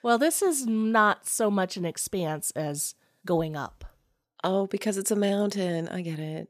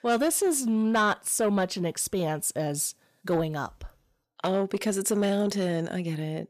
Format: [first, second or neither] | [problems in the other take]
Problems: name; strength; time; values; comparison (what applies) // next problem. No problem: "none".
first | distortion; slight; 10 dB below the speech